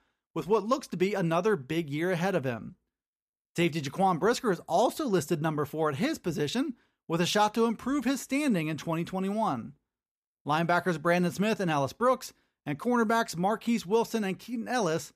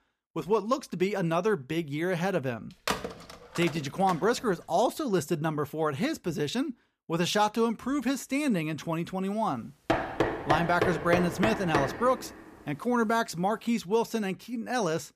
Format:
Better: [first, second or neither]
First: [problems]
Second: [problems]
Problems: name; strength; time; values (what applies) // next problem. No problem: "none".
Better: first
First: none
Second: phone ringing; noticeable; from 3 to 4.5 s; peak 3 dB below the speech // door banging; loud; from 10 to 12 s; peak 1 dB above the speech